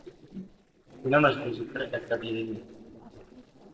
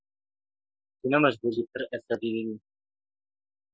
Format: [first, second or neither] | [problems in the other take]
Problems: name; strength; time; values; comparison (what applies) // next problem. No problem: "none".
second | noise reduction (neural separator model SepFormer DNS4)